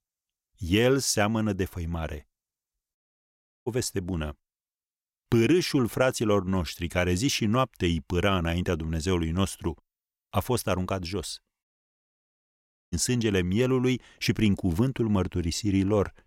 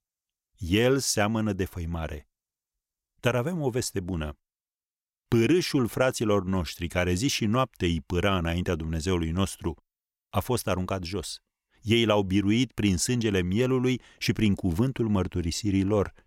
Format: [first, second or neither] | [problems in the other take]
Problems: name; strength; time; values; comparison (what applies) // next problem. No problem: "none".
second | audio cutting out; at 3 s for 0.5 s and at 12 s for 1.5 s